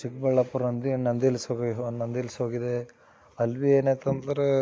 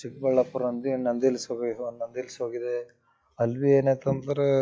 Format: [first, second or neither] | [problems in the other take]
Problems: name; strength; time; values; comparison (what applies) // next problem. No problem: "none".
first | noise reduction (classical method log-MMSE)